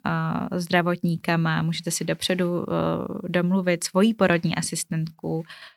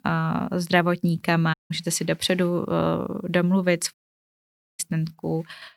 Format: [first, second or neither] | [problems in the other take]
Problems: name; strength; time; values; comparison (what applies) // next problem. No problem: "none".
first | audio cutting out; at 1.5 s and at 4 s for 1 s